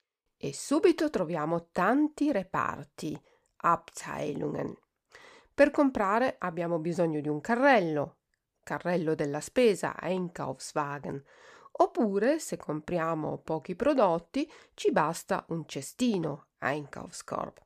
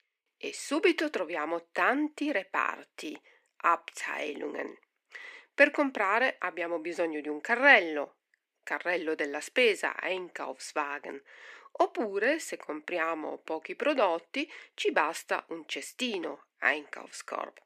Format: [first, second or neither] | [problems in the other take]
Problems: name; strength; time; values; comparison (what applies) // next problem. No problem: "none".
first | thin; very slightly; fading below 300 Hz